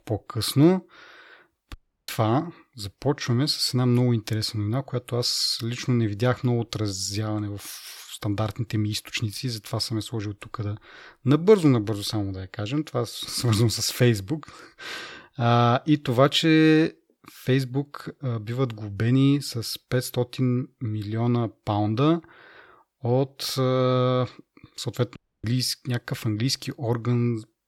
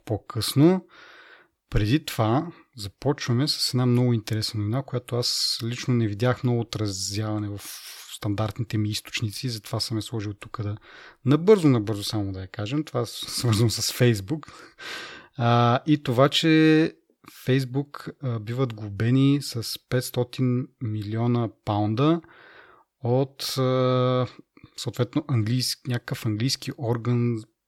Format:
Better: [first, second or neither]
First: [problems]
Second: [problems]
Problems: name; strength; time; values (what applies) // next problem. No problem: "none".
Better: second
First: audio cutting out; at 1.5 s and at 25 s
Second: none